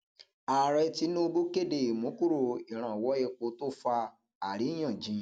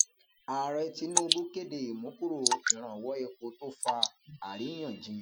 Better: first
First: none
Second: noise reduction (classical method Wiener filter)

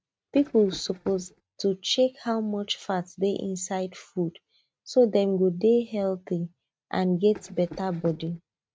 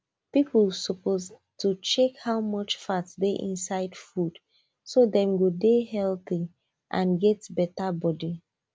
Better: second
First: noise reduction (neural mask model RNNoise)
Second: none

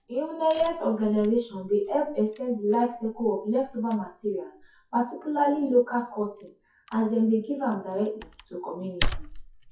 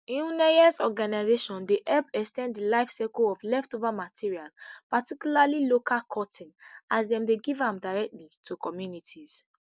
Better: second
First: noise reduction (classical method WPE with log-MMSE)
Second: none

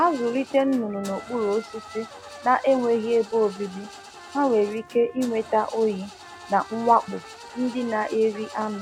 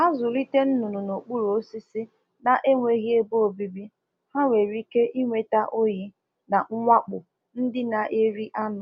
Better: second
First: background sound (Trumpet + Engine starting / Car); 17 dB below the speech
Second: none

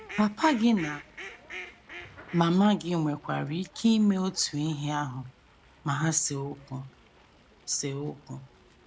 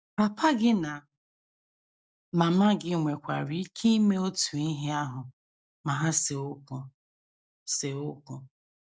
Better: second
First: background sound (Fowl); 18 dB below the speech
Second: none

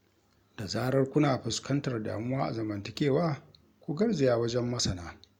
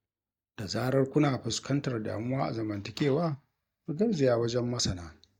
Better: first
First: none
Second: noise reduction (neural mask model DeepFilterNet 3)

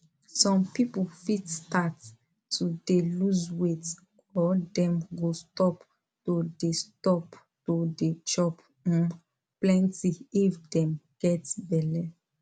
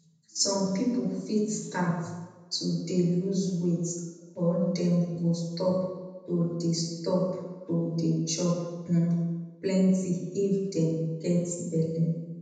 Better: first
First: none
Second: room echo; dies away in 1 s

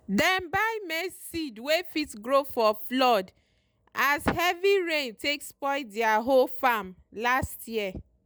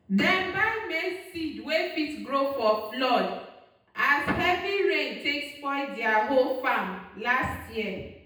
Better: first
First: none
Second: room echo; dies away in 0.9 s

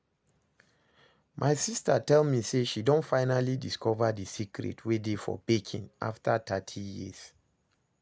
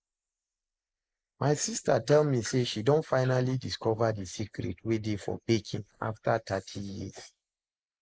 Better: first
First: none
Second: noise reduction (neural mask model Resemble Enhance denoiser)

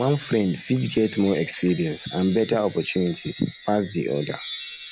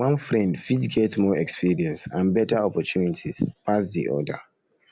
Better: second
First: background sound (Wind chime); 16 dB below the speech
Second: none

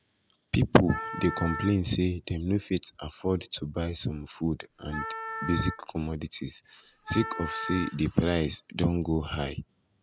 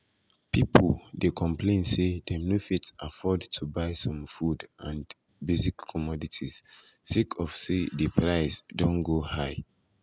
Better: second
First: background sound (Wind instrument, woodwind instrument); 8 dB below the speech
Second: none

